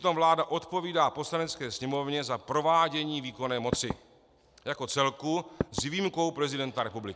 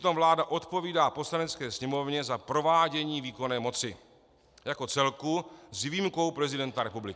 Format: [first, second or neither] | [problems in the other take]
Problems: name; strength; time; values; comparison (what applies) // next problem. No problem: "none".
second | background sound (Knock / Wood); 7 dB below the speech